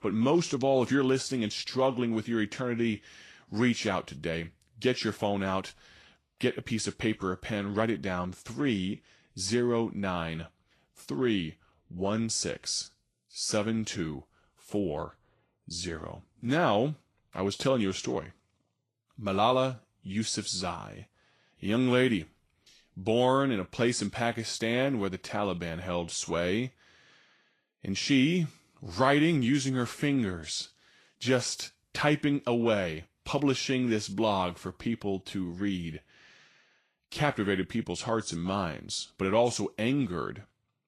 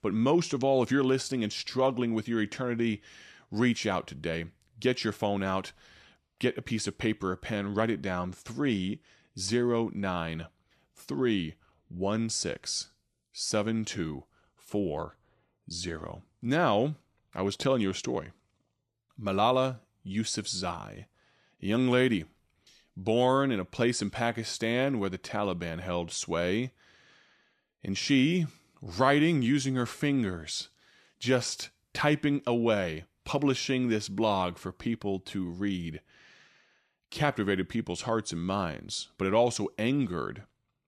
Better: second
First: garbled, watery; slightly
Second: none

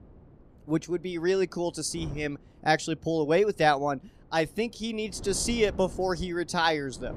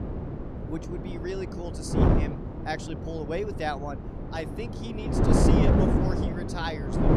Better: first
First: wind noise on the microphone; occasional gusts; 25 dB below the speech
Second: wind noise on the microphone; heavy; 3 dB above the speech

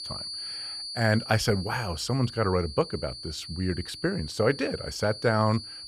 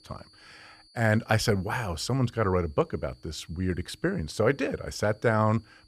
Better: second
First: high-pitched whine; loud; throughout; 4.5 kHz, 10 dB below the speech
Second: high-pitched whine; faint; throughout; 4.5 kHz, 30 dB below the speech

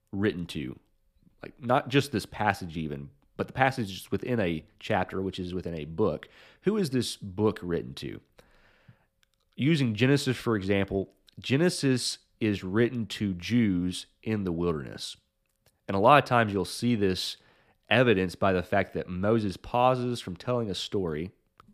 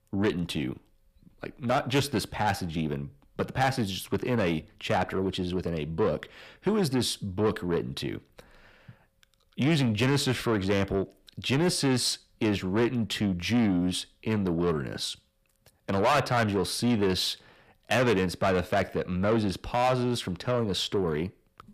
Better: first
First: none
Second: distortion; heavy; 7 dB below the speech

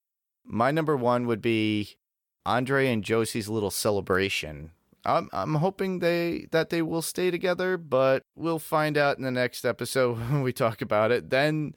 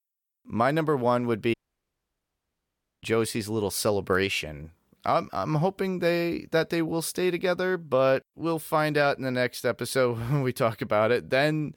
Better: first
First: none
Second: audio cutting out; at 1.5 s for 1.5 s

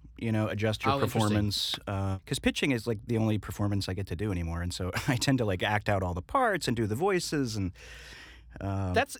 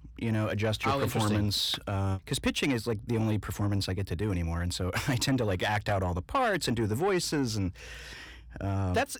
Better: first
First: none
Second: distortion; slight; 10 dB below the speech

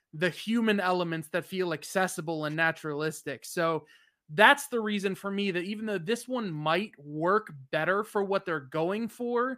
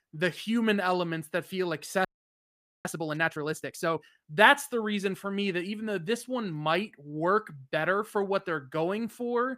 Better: first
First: none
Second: audio freezing; at 2 s for 1 s

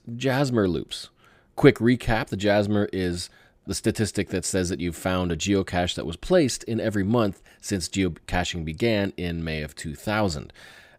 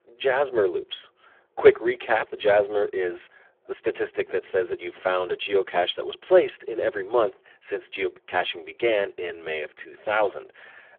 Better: first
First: none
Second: phone-call audio; poor line; nothing above 3.5 kHz

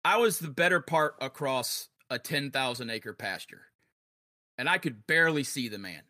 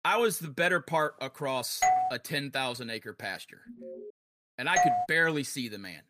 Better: first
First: none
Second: doorbell; loud; at 2 s and at 5 s; peak 5 dB above the speech // alarm; faint; at 3.5 s; peak 15 dB below the speech

